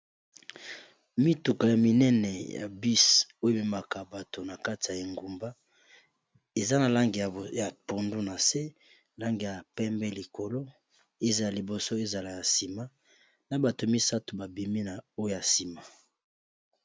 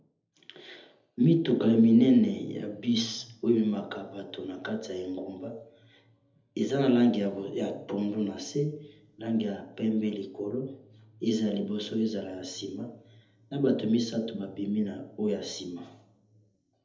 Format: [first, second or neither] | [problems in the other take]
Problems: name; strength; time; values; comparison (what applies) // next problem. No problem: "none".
first | room echo; dies away in 0.8 s